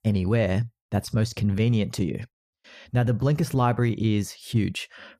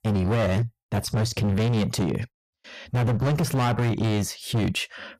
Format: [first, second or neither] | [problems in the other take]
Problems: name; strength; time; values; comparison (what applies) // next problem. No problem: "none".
first | distortion; heavy; 24% of the sound clipped